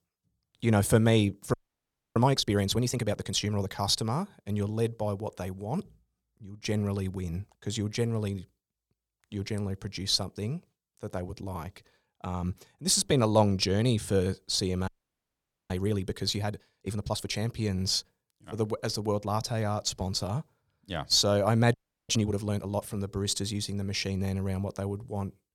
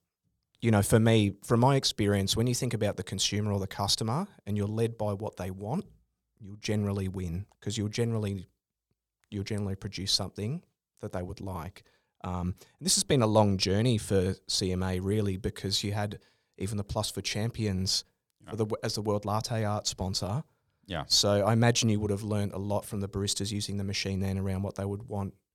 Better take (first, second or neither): second